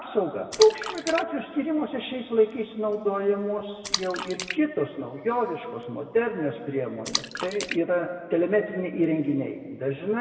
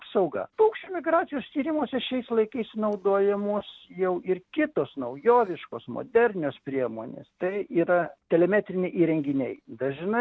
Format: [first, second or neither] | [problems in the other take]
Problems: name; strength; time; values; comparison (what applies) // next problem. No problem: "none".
second | background sound (Splash, splatter); 10 dB below the speech // room echo; dies away in 1.7 s